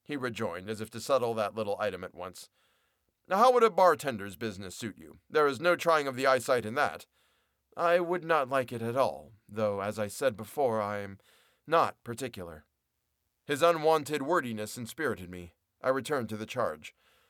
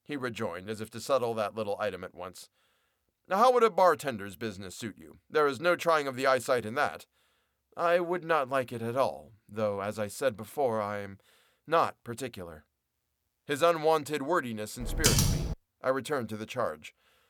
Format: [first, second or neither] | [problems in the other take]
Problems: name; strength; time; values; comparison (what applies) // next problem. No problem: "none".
first | keyboard typing; loud; at 15 s; peak 5 dB above the speech